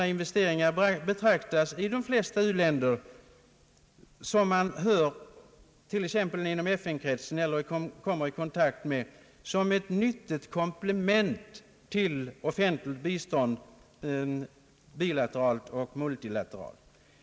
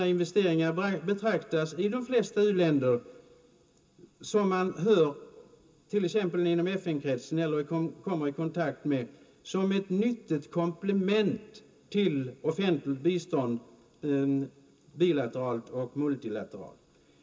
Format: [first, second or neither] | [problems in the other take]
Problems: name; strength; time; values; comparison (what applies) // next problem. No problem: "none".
first | room echo; dies away in 0.2 s